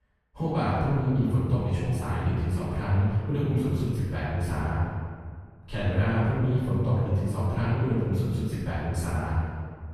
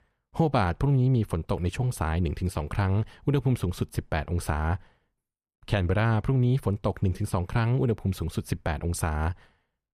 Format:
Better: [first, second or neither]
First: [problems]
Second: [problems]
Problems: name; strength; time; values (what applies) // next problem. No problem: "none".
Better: second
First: room echo; strong; dies away in 1.7 s // off-mic speech; far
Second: none